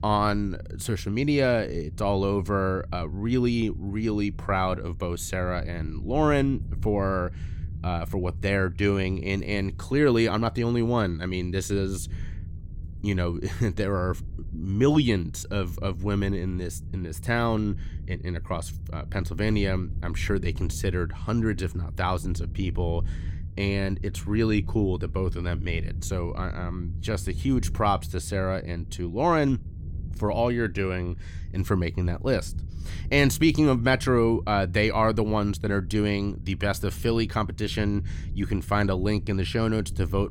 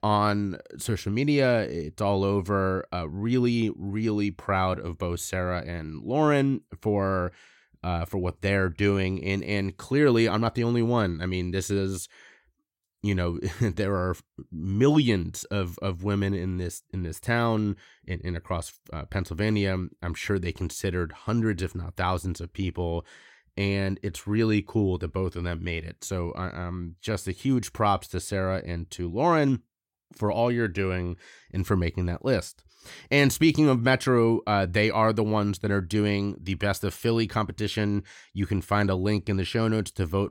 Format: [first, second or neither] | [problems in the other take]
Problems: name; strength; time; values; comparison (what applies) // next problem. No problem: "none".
second | low rumble; faint; throughout; 25 dB below the speech